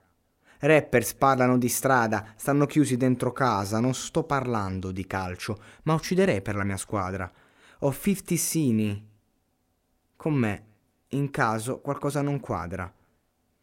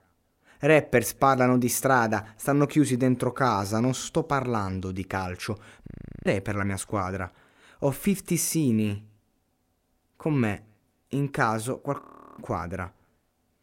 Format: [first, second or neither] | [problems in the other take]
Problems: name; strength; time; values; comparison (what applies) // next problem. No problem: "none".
first | audio freezing; at 6 s and at 12 s